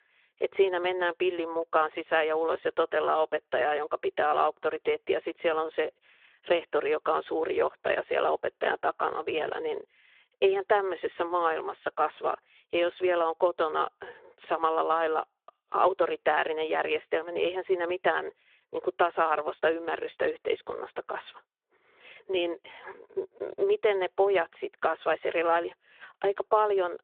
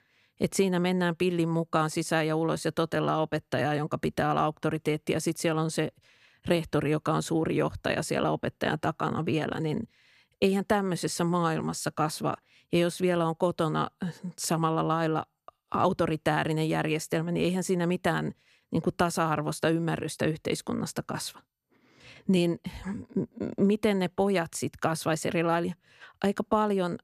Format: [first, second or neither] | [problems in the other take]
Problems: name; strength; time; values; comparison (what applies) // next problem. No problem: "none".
second | phone-call audio